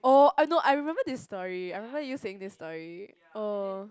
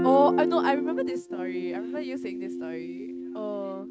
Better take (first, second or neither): first